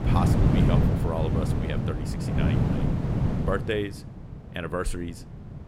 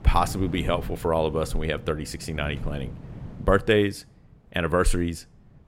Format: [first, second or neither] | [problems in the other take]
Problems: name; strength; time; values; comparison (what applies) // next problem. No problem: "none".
second | wind noise on the microphone; heavy; as loud as the speech; occasional gusts in the second